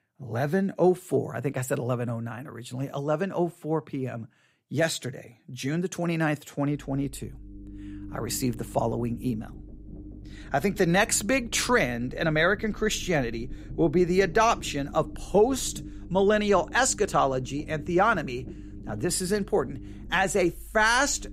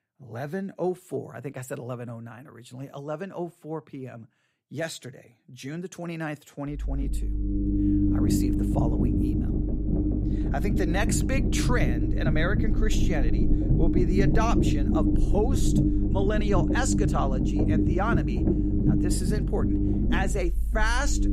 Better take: first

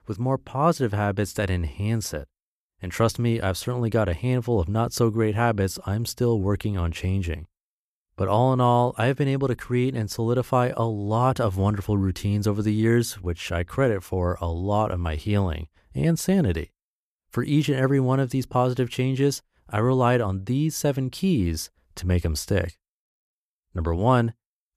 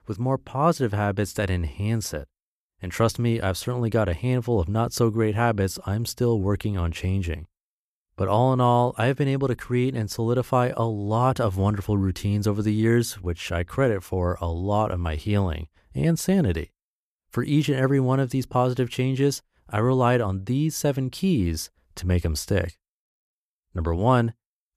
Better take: neither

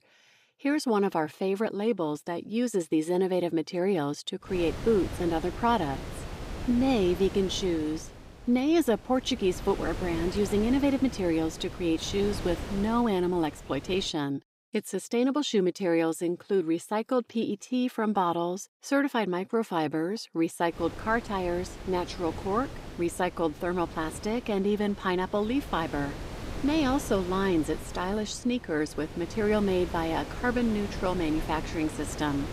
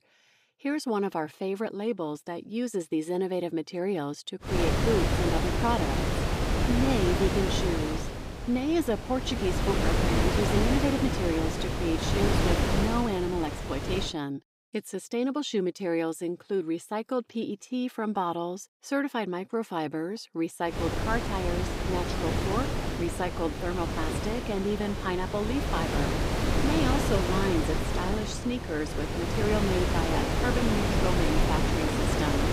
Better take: first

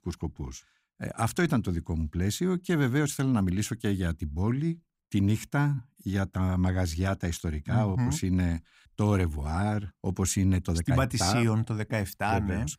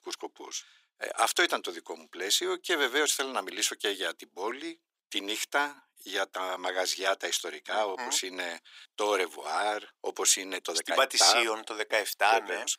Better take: first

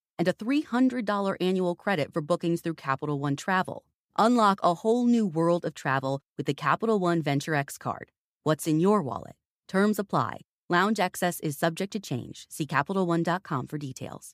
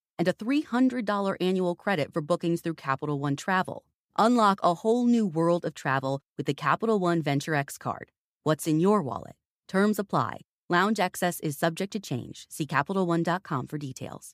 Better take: neither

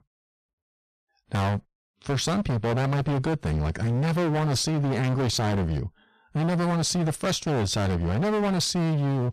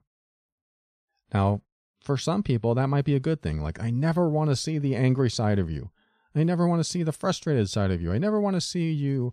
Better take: second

